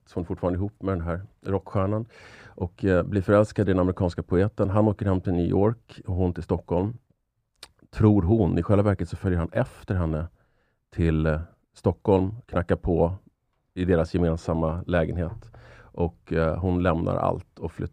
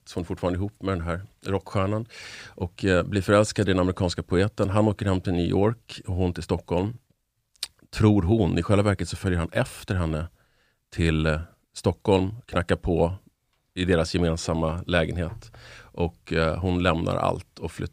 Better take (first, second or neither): second